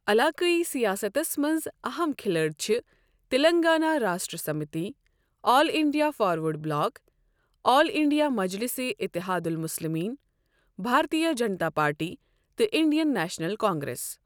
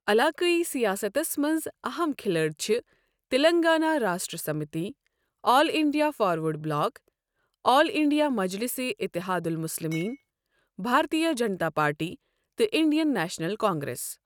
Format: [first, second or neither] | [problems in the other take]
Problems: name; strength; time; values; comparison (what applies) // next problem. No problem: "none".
first | noise reduction (neural mask model RNNoise)